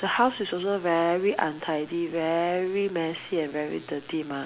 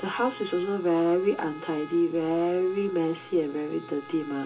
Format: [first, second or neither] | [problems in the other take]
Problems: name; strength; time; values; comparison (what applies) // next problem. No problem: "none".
first | background sound (Trumpet); 19 dB below the speech // room echo; dies away in 0.2 s